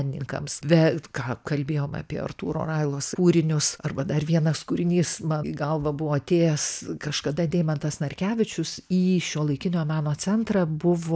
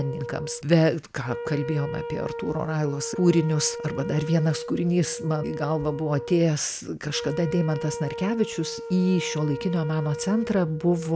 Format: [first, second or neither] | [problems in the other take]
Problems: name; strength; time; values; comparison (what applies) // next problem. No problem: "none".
first | background sound (Wind instrument, woodwind instrument); 10 dB below the speech